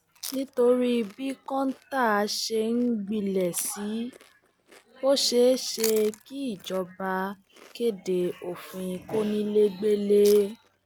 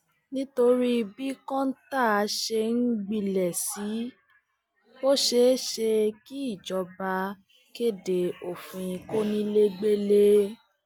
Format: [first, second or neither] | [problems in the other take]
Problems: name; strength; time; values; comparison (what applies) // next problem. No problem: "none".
second | background sound (Chewing, mastication); 19 dB below the speech